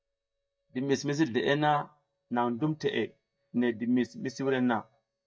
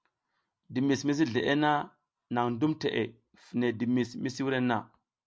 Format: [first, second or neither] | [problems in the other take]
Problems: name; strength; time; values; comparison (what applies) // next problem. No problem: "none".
second | noise reduction (neural mask model DeepFilterNet 3)